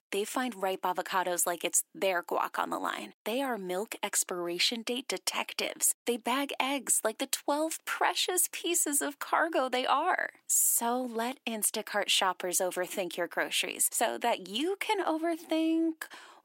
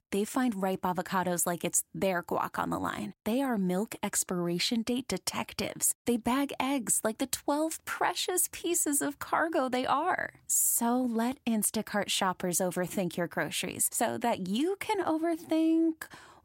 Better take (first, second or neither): second